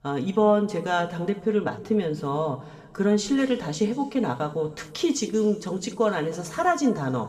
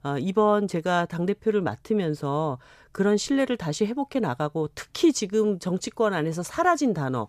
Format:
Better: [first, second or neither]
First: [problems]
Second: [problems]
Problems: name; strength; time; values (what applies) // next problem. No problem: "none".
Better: second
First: room echo; noticeable; dies away in 1.8 s // off-mic speech; somewhat distant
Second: none